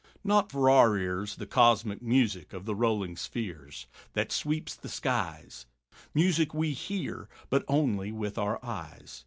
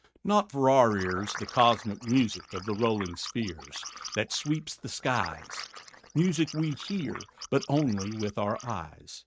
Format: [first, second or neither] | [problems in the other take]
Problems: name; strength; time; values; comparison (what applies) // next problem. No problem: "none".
first | noise reduction (neural mask model RNNoise)